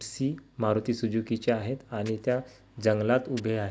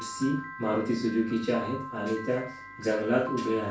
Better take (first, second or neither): first